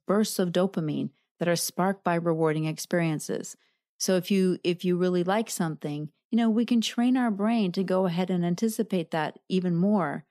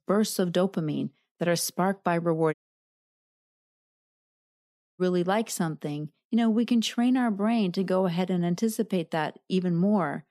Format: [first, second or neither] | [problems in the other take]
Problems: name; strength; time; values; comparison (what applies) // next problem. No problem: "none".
first | audio cutting out; at 2.5 s for 2.5 s